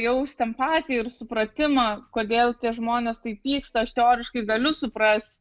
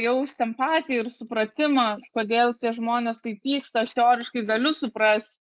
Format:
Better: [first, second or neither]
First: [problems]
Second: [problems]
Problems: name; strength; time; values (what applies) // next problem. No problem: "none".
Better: first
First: none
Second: noise reduction (neural mask model Resemble Enhance denoiser)